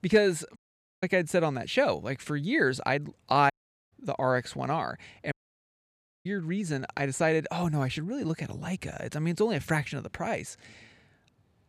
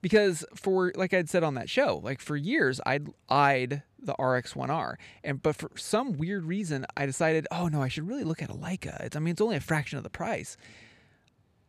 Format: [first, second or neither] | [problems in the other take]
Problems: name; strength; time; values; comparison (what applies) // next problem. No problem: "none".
second | audio cutting out; at 0.5 s, at 3.5 s and at 5.5 s for 1 s